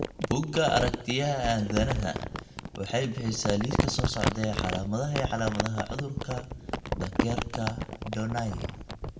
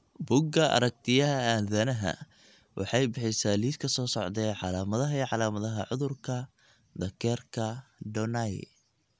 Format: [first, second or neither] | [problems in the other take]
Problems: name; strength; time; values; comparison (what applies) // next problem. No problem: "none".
second | background sound (Crumpling, crinkling); 2 dB below the speech // room echo; dies away in 0.6 s